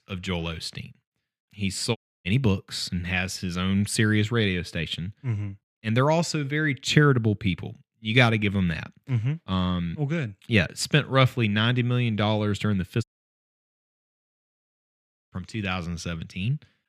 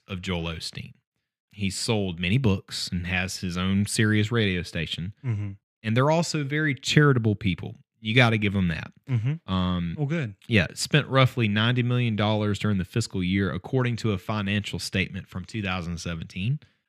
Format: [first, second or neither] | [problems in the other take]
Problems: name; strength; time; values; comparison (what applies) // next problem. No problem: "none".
second | audio cutting out; at 2 s and at 13 s for 2.5 s